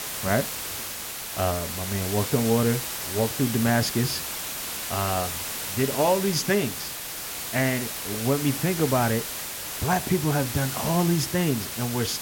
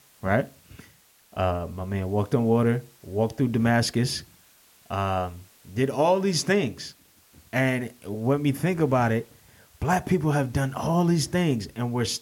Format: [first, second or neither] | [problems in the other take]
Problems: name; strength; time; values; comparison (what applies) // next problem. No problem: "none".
second | hiss; loud; throughout; 4 dB below the speech; faint in the second